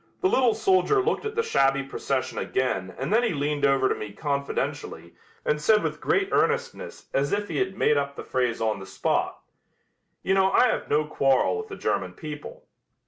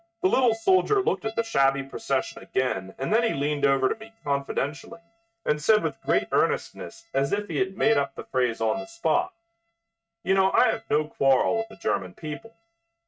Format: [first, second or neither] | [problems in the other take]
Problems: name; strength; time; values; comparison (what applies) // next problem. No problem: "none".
first | noise reduction (neural mask model RNNoise)